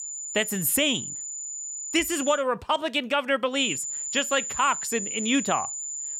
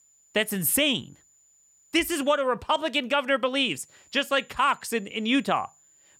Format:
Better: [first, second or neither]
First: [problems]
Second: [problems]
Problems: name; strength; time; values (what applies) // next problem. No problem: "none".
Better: second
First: high-pitched whine; loud; until 2.5 s and from 3.5 s on; 7 kHz, 5 dB below the speech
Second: high-pitched whine; faint; until 2.5 s and from 3.5 s on; 7 kHz, 30 dB below the speech